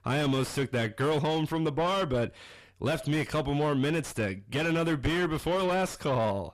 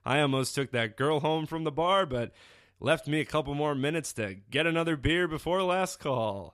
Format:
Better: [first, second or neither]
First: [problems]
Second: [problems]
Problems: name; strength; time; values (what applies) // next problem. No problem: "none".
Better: second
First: distortion; heavy; 6 dB below the speech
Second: none